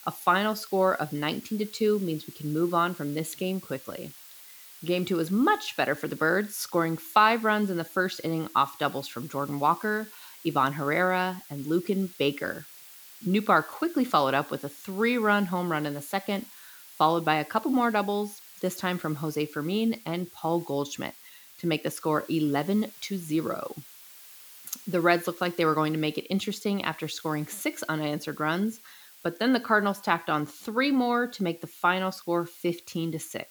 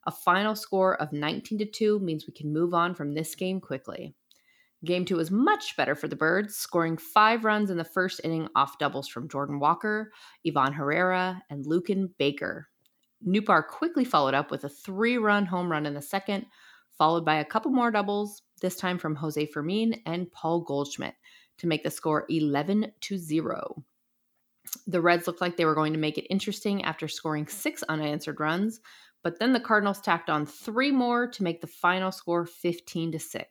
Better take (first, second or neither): second